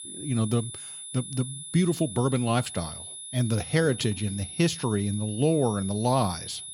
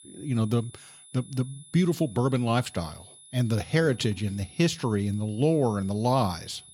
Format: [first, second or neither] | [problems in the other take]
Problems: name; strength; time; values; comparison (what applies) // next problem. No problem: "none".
second | high-pitched whine; loud; throughout; 10 kHz, 10 dB below the speech; faint in the second